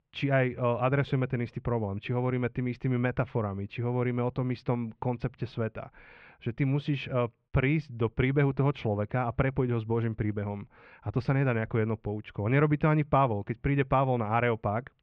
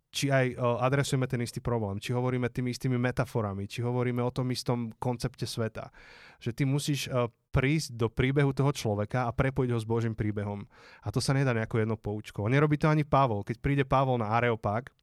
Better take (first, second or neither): second